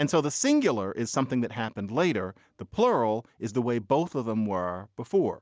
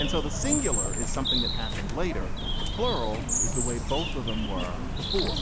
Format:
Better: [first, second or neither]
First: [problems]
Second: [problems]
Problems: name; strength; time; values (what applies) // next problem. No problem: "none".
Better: first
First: none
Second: background sound (Bird); 5 dB above the speech